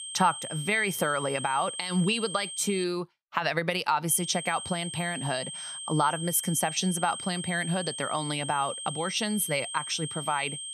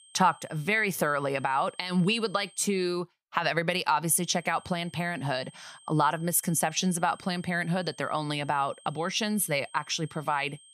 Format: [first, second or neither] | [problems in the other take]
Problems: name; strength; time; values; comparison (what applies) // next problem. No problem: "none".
second | high-pitched whine; loud; until 3 s and from 4 s on; 8.5 kHz, 7 dB below the speech; faint in the second